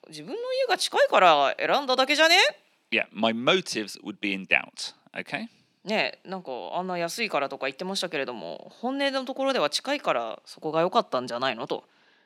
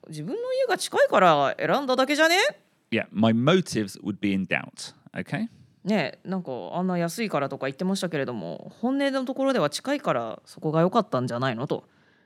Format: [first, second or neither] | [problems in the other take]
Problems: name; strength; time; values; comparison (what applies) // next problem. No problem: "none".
second | thin; somewhat; fading below 300 Hz